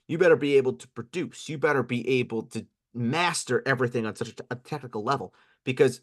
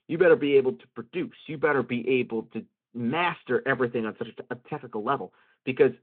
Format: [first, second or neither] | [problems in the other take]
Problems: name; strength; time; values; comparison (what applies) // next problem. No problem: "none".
first | phone-call audio